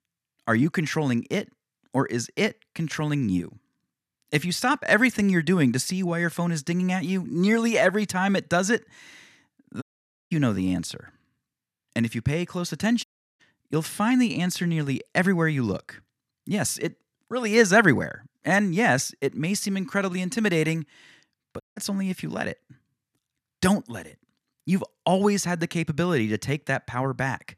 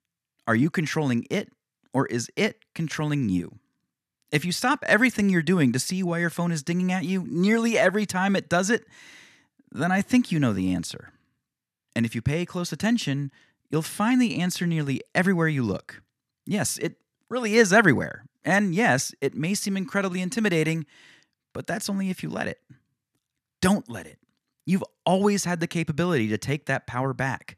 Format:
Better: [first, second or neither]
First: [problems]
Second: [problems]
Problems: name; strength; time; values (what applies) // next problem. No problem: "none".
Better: second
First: audio cutting out; at 10 s, at 13 s and at 22 s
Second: none